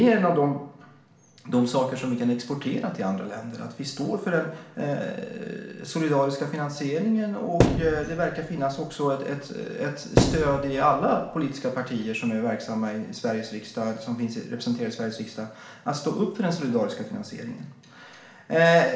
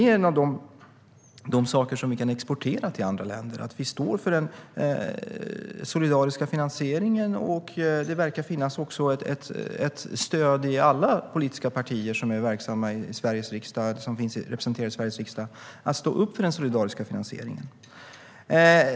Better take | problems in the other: second | background sound (Thump, thud); as loud as the speech // room echo; dies away in 0.6 s

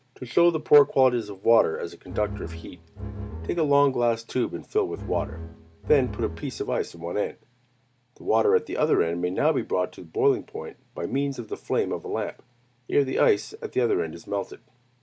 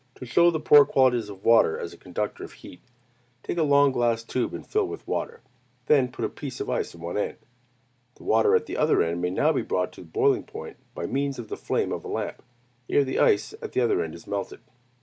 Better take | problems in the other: second | background sound (Bowed string instrument); 10 dB below the speech

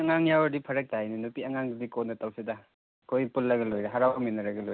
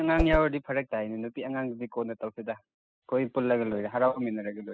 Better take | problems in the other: first | noise reduction (classical method spectral subtraction)

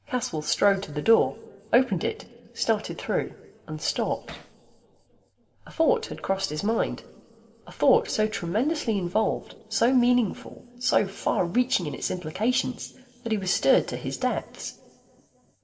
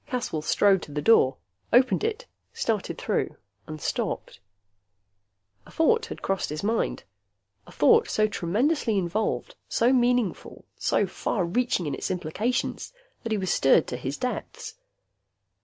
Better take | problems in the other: second | background sound (Hammer); 16 dB below the speech // room echo; dies away in 3 s

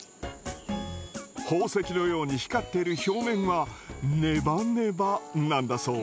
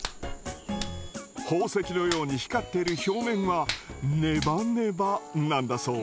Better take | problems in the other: first | background sound (Hands); 13 dB below the speech

